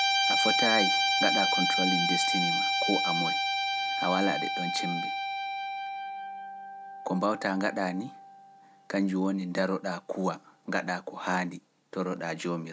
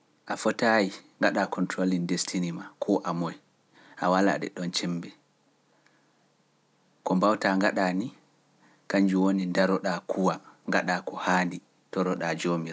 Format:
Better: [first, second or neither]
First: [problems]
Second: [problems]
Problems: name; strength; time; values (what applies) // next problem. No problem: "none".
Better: second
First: background sound (Guitar); 1 dB above the speech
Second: none